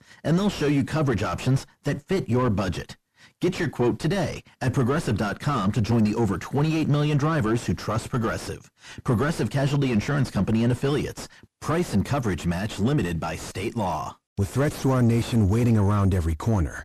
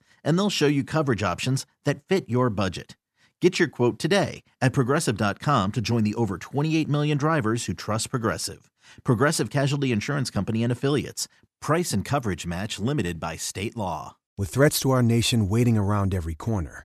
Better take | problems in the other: second | distortion; heavy; 5 dB below the speech

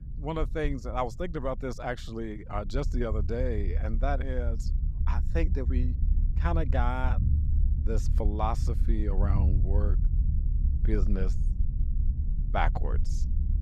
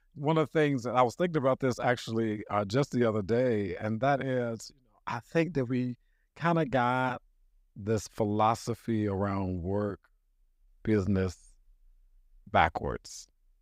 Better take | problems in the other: second | low rumble; noticeable; throughout; 15 dB below the speech

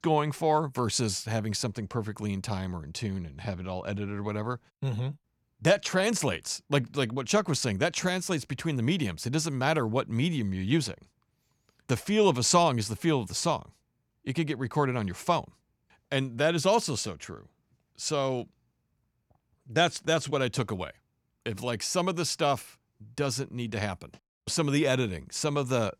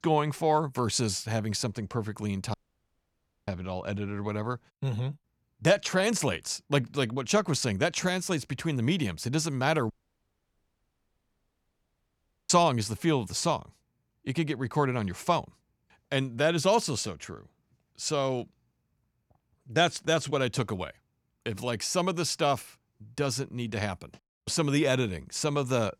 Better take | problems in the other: first | audio cutting out; at 2.5 s for 1 s and at 10 s for 2.5 s

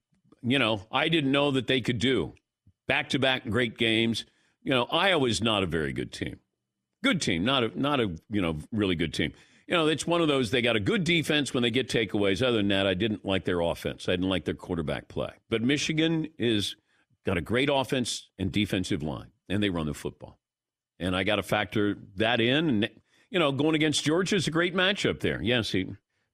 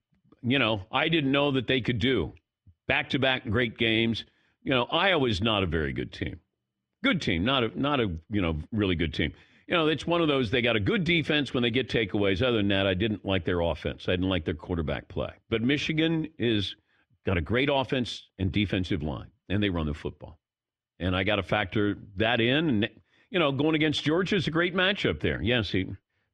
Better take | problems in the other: first | muffled; slightly; fading above 3 kHz

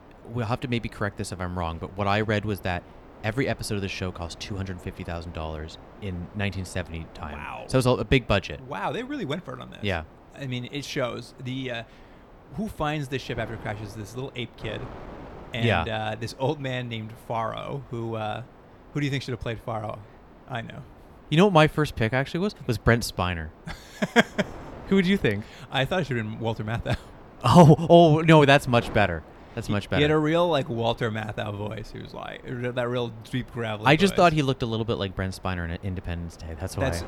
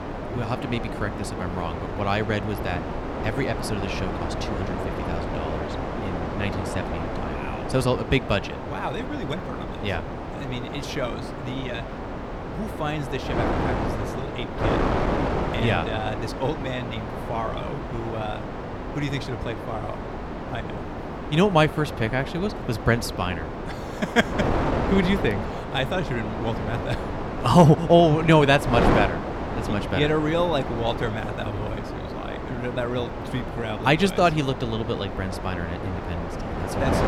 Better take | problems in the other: first | wind noise on the microphone; heavy; 5 dB below the speech; occasional gusts in the first

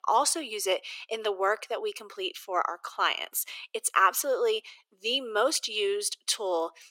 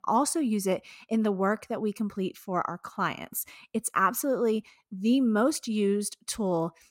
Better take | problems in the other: second | thin; very; fading below 400 Hz

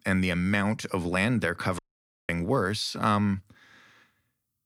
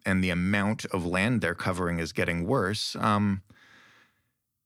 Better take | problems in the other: second | audio cutting out; at 2 s for 0.5 s

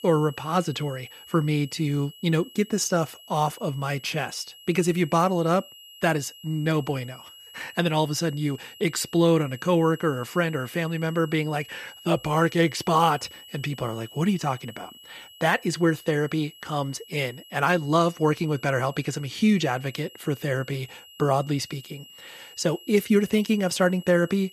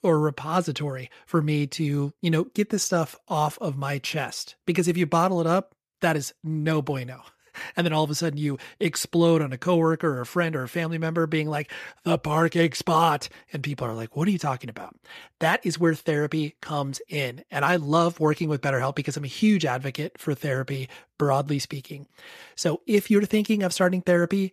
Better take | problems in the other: second | high-pitched whine; noticeable; throughout; 3 kHz, 20 dB below the speech

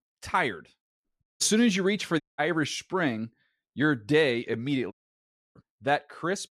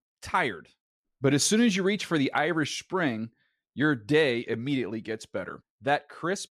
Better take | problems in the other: second | audio cutting out; at 1 s, at 2 s and at 5 s for 0.5 s

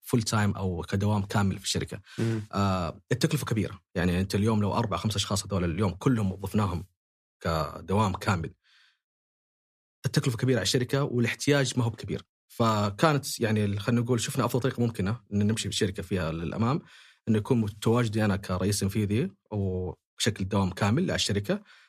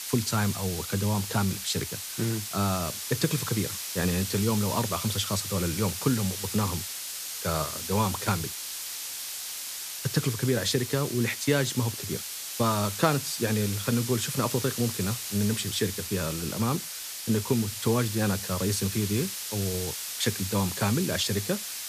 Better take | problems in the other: first | hiss; loud; throughout; 4 dB below the speech

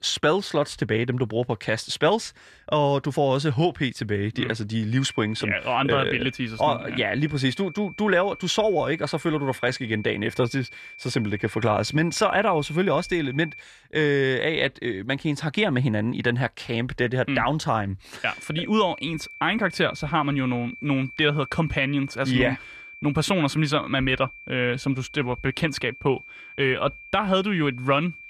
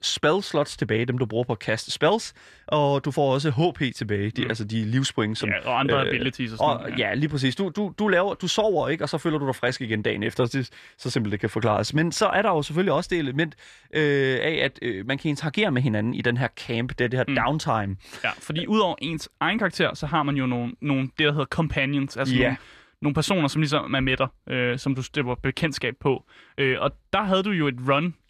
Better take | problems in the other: second | high-pitched whine; noticeable; from 5 to 14 s and from 18 s on; 2.5 kHz, 15 dB below the speech

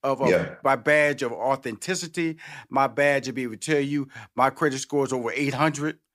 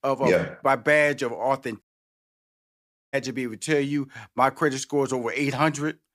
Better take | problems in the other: first | audio cutting out; at 2 s for 1.5 s

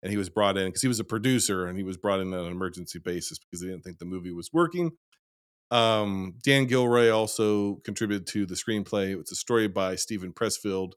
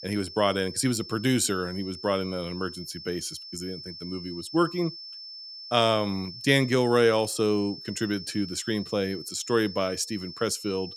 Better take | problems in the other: first | high-pitched whine; noticeable; throughout; 5.5 kHz, 10 dB below the speech

